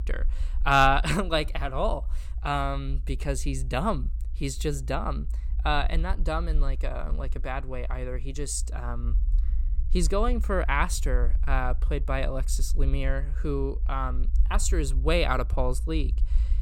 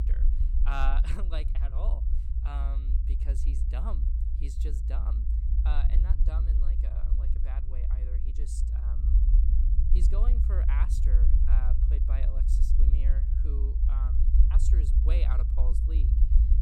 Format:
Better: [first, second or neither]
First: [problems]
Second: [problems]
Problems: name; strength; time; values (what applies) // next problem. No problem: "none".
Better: first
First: low rumble; faint; throughout; 25 dB below the speech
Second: low rumble; loud; throughout; 4 dB below the speech